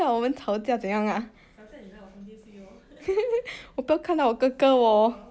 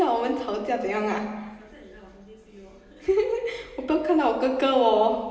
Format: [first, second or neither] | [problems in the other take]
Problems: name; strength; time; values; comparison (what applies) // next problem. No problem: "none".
first | room echo; dies away in 1.2 s